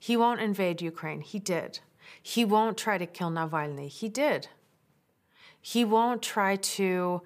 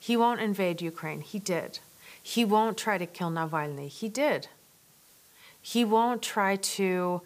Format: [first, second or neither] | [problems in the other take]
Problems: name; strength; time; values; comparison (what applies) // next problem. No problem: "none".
first | hiss; faint; throughout; 25 dB below the speech